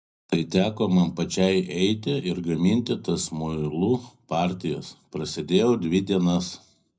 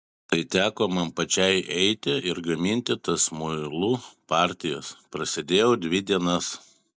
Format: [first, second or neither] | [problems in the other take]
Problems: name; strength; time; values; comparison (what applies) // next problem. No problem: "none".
second | room echo; dies away in 0.4 s